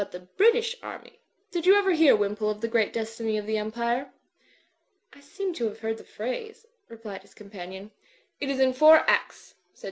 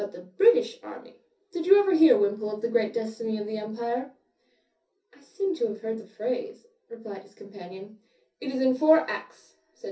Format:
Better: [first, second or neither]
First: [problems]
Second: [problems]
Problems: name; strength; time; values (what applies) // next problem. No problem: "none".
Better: first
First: none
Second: room echo; dies away in 0.3 s